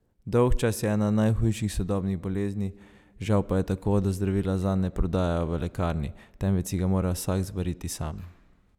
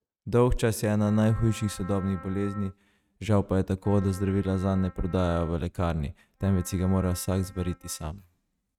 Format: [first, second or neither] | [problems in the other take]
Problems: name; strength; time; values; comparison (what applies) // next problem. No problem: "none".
first | noise reduction (neural mask model RNNoise)